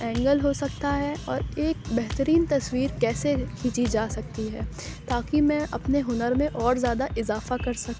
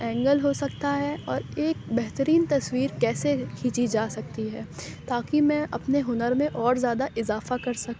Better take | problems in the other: second | background sound (Drum kit); 10 dB below the speech

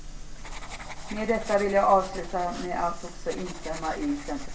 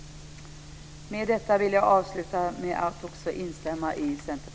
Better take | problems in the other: second | background sound (Writing); 15 dB below the speech // room echo; dies away in 0.3 s

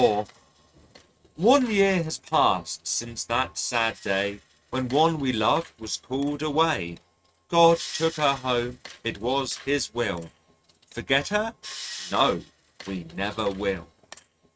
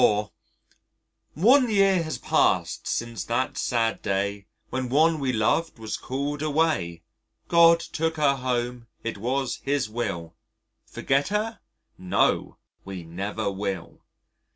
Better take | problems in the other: second | noise reduction (neural mask model RNNoise)

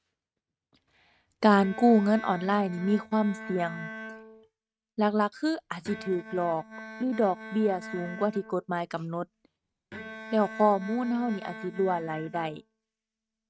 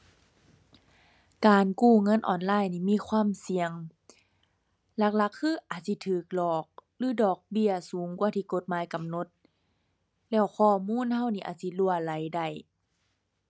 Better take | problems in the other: second | noise reduction (neural mask model RNNoise)

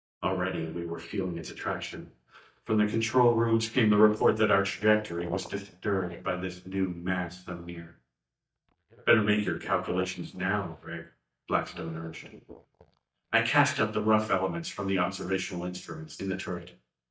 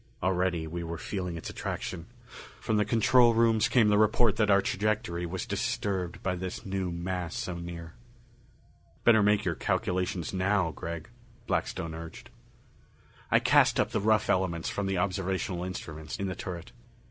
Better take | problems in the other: second | noise reduction (neural mask model DeepFilterNet 3)

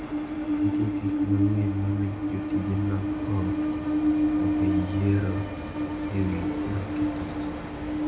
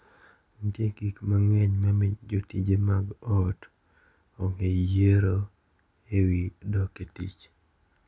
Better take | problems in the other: second | background sound (Train); 3 dB above the speech // room echo; dies away in 1 s

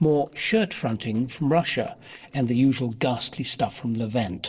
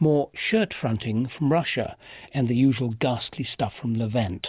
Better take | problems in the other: second | noise reduction (neural separator model SepFormer DNS4)

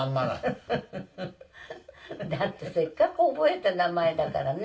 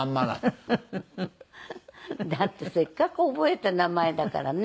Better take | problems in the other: second | room echo; dies away in 0.2 s

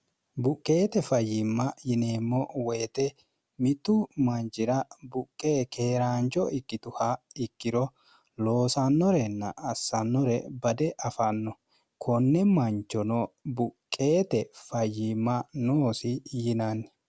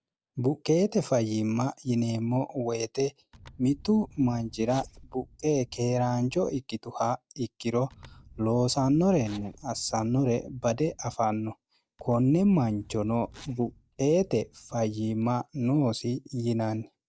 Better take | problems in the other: first | noise reduction (neural mask model DeepFilterNet 3)

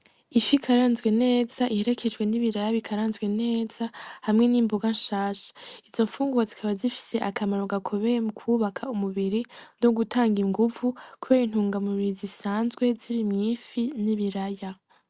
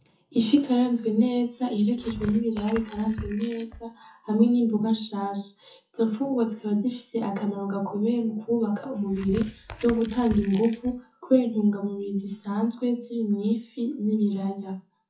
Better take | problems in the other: first | noise reduction (classical method WPE with log-MMSE)

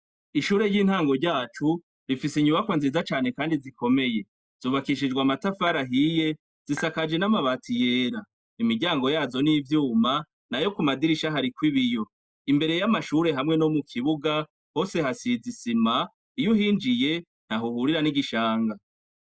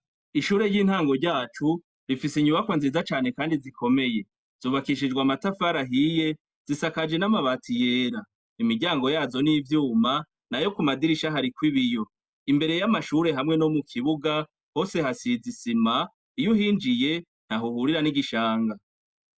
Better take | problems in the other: second | noise reduction (neural mask model DeepFilterNet 3)

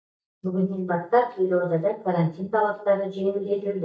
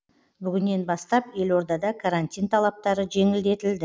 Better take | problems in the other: second | noise reduction (neural mask model DeepFilterNet 3)

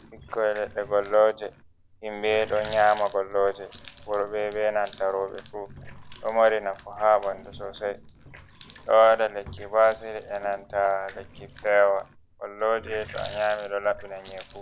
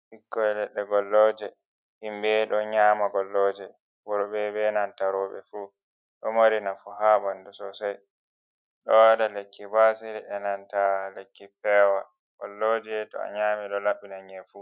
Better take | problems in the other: second | background sound (Water tap, faucet); 19 dB below the speech

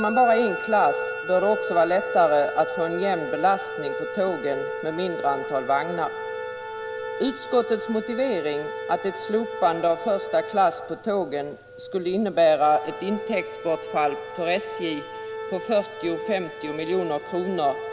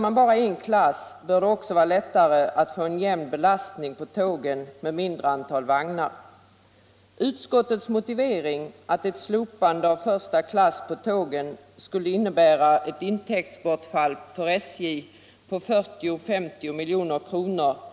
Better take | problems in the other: second | background sound (Organ + Musical instrument); 7 dB below the speech

